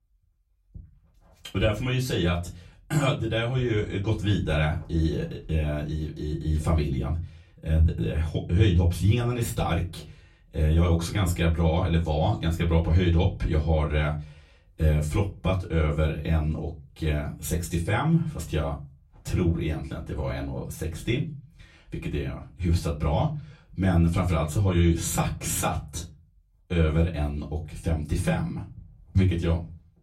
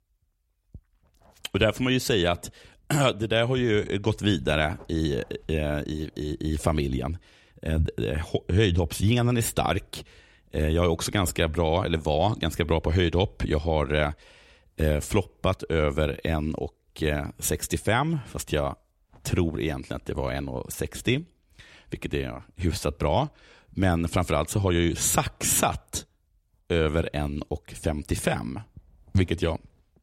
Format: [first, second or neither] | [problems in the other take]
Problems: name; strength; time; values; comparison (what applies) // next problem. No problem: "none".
second | off-mic speech; far // room echo; very slight; dies away in 0.3 s